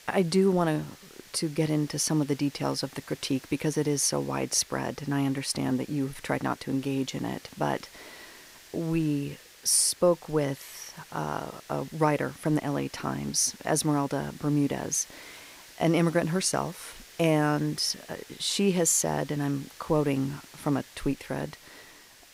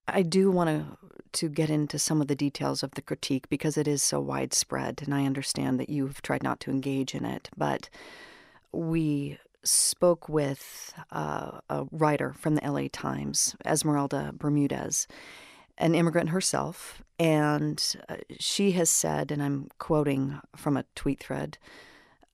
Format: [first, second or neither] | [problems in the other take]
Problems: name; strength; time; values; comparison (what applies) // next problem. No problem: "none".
second | hiss; faint; throughout; 20 dB below the speech